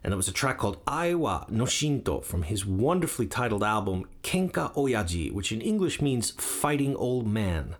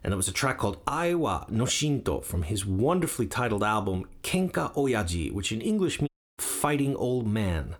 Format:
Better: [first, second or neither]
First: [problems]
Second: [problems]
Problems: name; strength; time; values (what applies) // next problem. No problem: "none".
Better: first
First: none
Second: audio cutting out; at 6 s